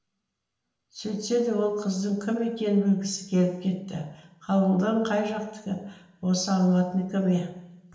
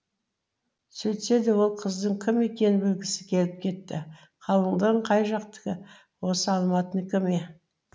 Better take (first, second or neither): second